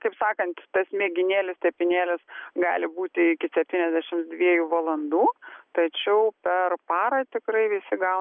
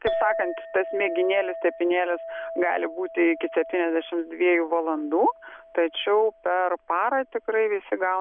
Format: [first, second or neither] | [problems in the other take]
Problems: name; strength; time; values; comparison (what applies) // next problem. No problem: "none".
first | background sound (Chink, clink); 11 dB below the speech